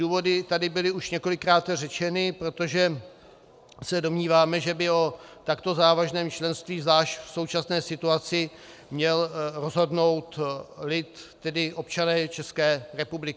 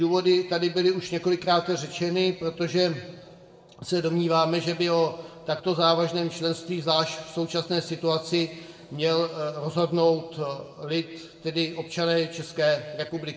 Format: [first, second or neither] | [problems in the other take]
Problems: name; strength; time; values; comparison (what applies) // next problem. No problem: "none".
first | room echo; dies away in 1.2 s